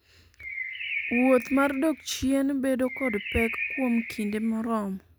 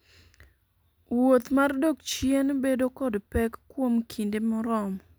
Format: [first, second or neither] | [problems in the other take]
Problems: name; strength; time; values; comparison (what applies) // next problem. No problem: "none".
second | background sound (Bird); 8 dB below the speech